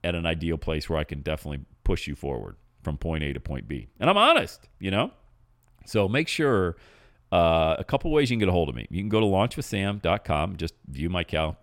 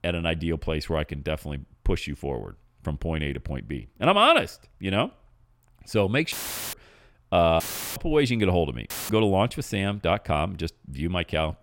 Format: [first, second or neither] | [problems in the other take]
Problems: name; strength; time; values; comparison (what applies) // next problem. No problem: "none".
first | audio cutting out; filled with static; at 6.5 s, at 7.5 s and at 9 s